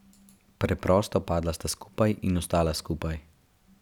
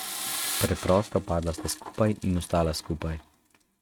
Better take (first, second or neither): first